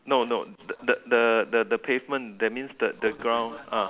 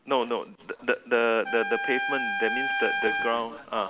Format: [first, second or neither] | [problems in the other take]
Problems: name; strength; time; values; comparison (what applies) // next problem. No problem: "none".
first | background sound (Trumpet); 3 dB below the speech